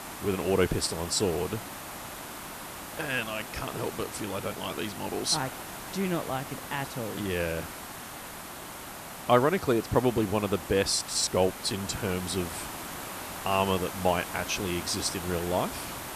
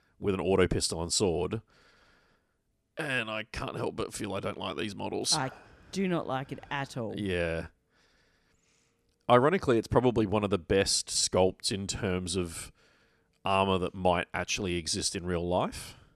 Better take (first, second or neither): second